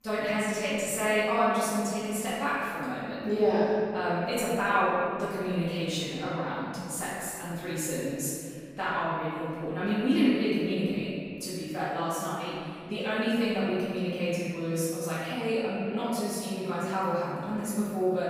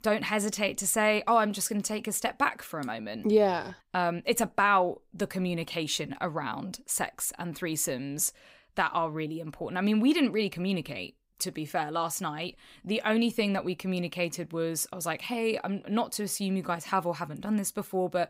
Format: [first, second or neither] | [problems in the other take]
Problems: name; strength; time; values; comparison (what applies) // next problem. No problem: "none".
second | off-mic speech; far // room echo; strong; dies away in 2.3 s